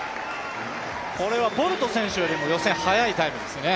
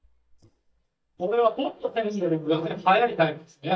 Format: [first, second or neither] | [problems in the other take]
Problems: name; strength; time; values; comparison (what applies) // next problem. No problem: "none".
first | noise reduction (neural mask model DeepFilterNet 3)